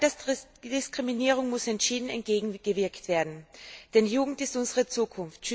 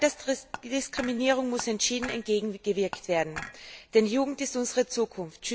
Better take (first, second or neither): first